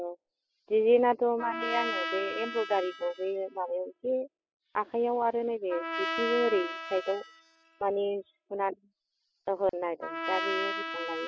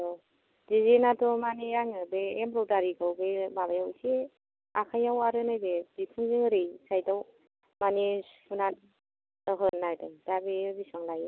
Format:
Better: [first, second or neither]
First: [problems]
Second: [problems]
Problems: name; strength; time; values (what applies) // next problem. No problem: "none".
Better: second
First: noise reduction (classical method spectral subtraction)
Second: none